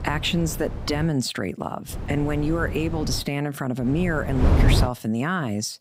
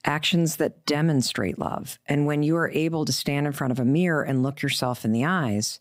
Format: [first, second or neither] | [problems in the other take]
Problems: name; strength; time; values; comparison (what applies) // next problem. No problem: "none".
second | wind noise on the microphone; heavy; until 1 s, from 2 to 3 s and from 4 to 5 s; 7 dB below the speech